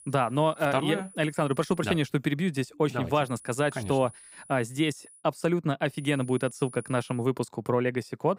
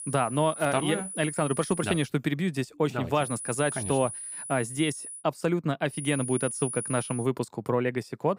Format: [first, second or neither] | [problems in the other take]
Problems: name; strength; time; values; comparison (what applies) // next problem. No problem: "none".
first | high-pitched whine; loud; until 2 s, from 3 to 5 s and from 6 to 7 s; 10 kHz, 7 dB below the speech; faint in the first